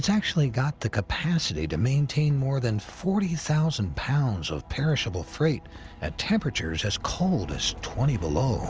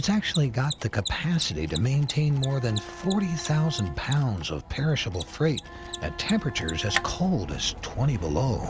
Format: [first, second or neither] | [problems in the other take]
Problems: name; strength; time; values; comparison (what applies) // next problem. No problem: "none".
first | background sound (Bowed string instrument + Mechanisms); 12 dB below the speech